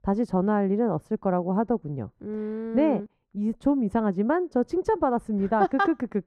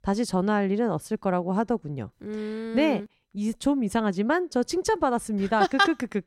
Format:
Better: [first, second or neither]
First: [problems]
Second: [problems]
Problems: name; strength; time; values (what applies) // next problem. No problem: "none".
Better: second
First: muffled; very; fading above 2 kHz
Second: none